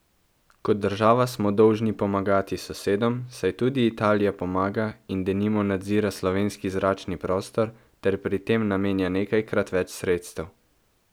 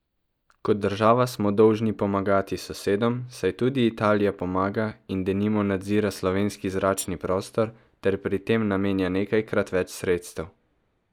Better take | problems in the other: first | noise reduction (neural mask model DeepFilterNet 3)

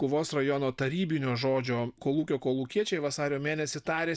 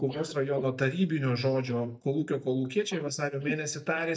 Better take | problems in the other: first | noise reduction (neural mask model DeepFilterNet 3)

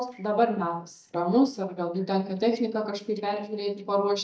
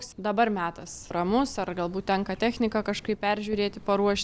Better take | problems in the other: second | noise reduction (neural mask model DeepFilterNet 3)

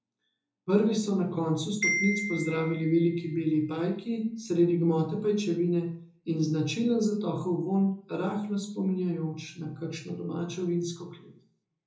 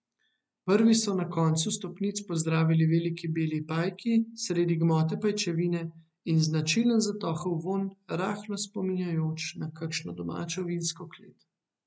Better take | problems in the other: second | background sound (Marimba, xylophone); 8 dB below the speech // room echo; dies away in 1 s

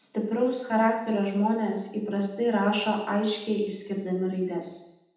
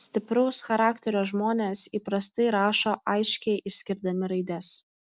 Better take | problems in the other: second | room echo; dies away in 0.8 s

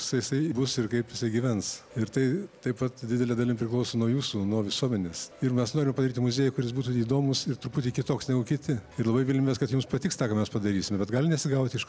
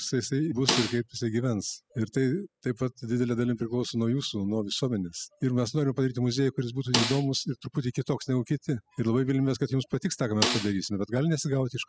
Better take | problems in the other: first | noise reduction (classical method spectral subtraction)

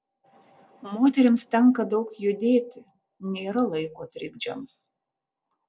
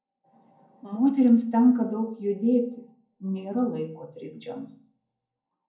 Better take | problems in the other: first | room echo; dies away in 0.6 s

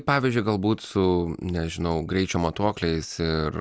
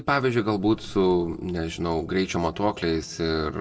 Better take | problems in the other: first | noise reduction (neural separator model SepFormer DNS4)

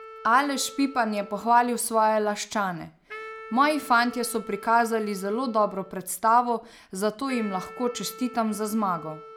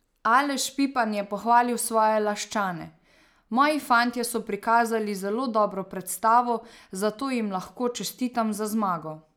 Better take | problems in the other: second | background sound (Wind instrument, woodwind instrument); 18 dB below the speech

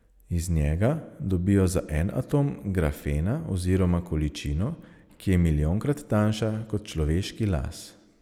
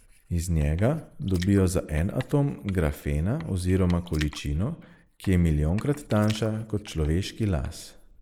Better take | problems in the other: first | noise reduction (neural mask model Resemble Enhance denoiser)

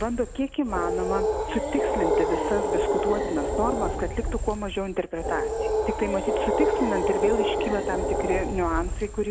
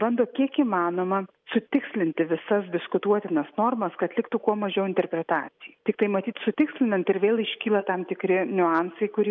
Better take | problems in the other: second | background sound (Animal); 2 dB above the speech

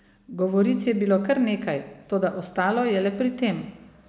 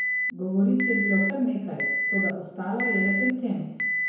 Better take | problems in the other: first | background sound (Alarm); 1 dB below the speech // room echo; dies away in 0.9 s

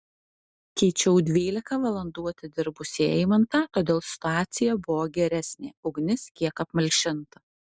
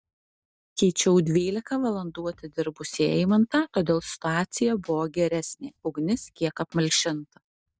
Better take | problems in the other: first | noise reduction (neural mask model DeepFilterNet 3)

